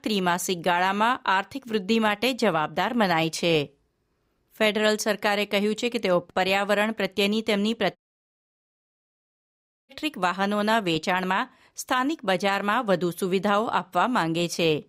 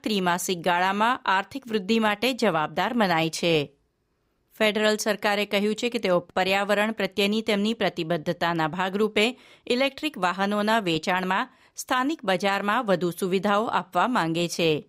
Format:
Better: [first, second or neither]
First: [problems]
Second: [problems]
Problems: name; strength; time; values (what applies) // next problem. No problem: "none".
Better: second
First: audio cutting out; at 8 s for 2 s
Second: none